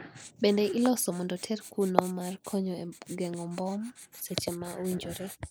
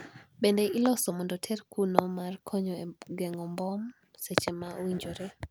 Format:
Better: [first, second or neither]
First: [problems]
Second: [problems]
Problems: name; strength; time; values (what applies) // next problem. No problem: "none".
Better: second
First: noise reduction (neural mask model Resemble Enhance denoiser)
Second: none